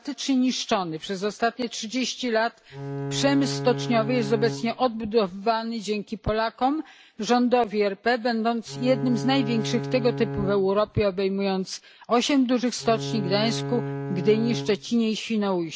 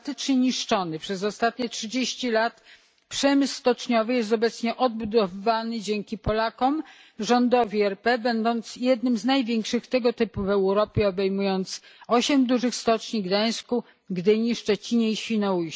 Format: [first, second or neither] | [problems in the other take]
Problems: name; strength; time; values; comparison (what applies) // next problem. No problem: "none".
second | background sound (Bowed string instrument); 6 dB below the speech